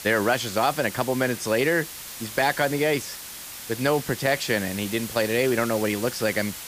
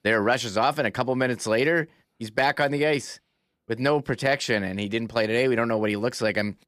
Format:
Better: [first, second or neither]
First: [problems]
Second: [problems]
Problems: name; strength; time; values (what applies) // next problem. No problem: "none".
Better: second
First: hiss; noticeable; throughout; 10 dB below the speech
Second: none